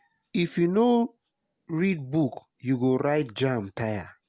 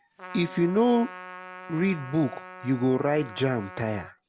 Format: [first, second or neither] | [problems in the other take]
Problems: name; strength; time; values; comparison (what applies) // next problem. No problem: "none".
first | background sound (Trumpet); 16 dB below the speech